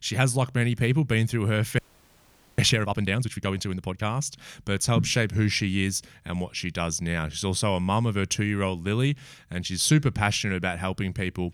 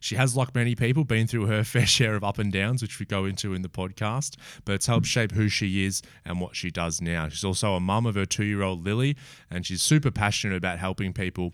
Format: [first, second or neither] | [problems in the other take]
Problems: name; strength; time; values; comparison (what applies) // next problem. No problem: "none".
second | audio freezing; at 2 s for 1 s